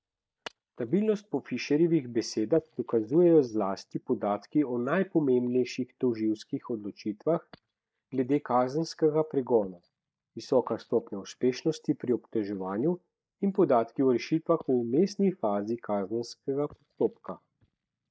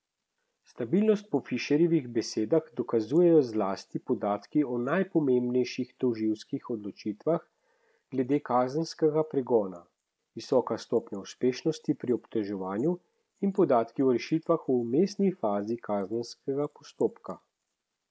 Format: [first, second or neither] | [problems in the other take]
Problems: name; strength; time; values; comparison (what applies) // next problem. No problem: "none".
second | noise reduction (neural mask model DeepFilterNet 3)